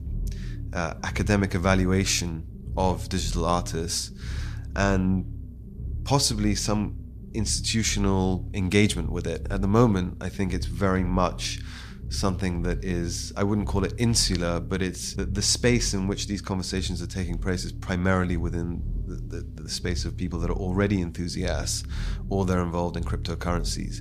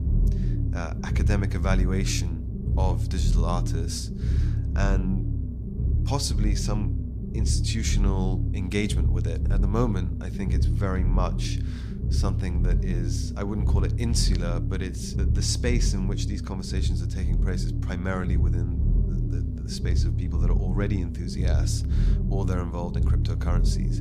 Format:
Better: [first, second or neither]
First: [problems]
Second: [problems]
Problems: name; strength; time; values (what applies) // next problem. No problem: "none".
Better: first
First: low rumble; faint; throughout; 20 dB below the speech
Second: low rumble; loud; throughout; 6 dB below the speech